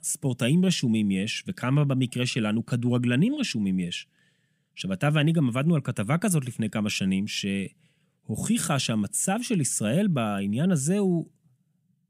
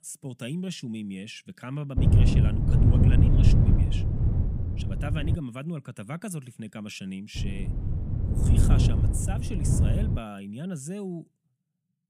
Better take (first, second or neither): first